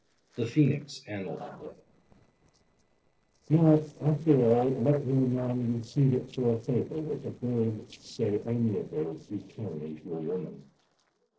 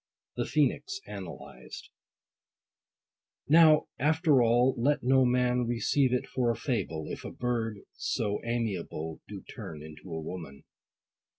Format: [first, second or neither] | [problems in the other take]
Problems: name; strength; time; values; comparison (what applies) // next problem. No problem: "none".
second | noise reduction (neural separator model SepFormer DNS4)